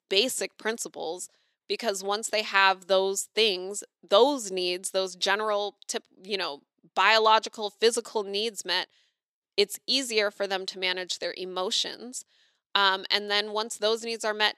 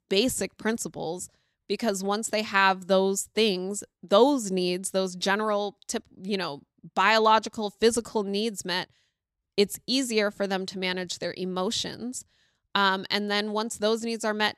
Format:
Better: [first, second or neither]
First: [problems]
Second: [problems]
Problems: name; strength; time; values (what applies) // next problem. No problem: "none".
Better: second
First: thin; somewhat; fading below 400 Hz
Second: none